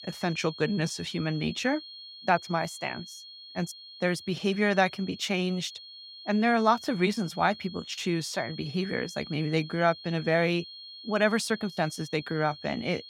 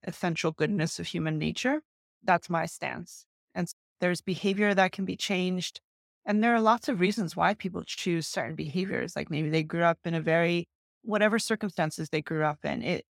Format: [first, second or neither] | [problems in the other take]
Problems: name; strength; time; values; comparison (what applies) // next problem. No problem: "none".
second | high-pitched whine; noticeable; throughout; 4.5 kHz, 15 dB below the speech